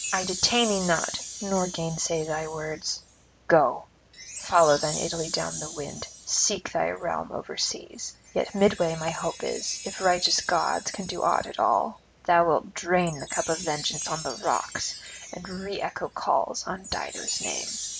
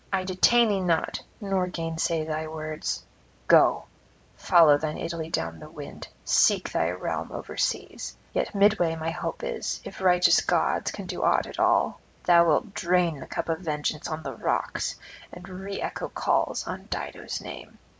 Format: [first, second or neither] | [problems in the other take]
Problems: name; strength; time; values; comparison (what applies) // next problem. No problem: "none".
second | background sound (Chime); 11 dB below the speech